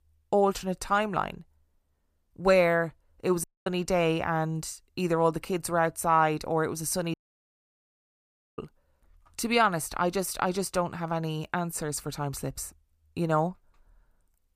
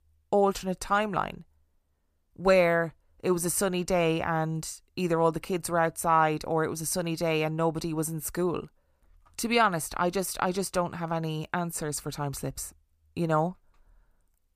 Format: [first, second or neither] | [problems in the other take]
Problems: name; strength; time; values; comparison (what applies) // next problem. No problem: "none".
second | audio cutting out; at 3.5 s and at 7 s for 1.5 s